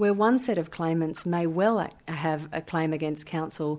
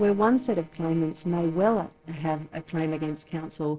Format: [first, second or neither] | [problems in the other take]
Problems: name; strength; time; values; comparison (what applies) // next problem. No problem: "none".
first | noise reduction (neural separator model SepFormer DNS4)